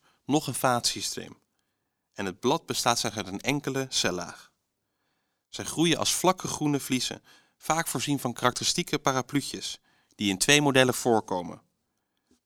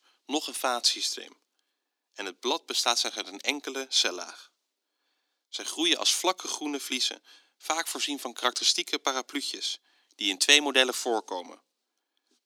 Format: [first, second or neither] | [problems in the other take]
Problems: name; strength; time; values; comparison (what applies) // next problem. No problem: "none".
first | thin; very slightly; fading below 300 Hz